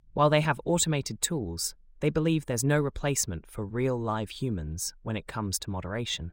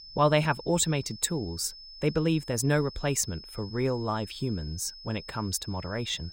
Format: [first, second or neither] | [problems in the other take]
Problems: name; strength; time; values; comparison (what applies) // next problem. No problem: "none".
first | high-pitched whine; noticeable; throughout; 5 kHz, 15 dB below the speech